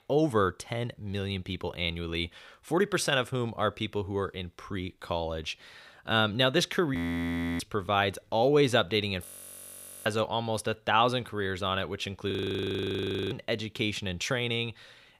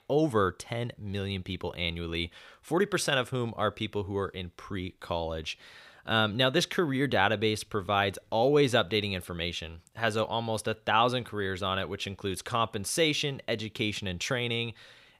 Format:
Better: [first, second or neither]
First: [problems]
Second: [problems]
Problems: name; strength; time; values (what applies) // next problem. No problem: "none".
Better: second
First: audio freezing; at 7 s for 0.5 s, at 9.5 s for 1 s and at 12 s for 1 s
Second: none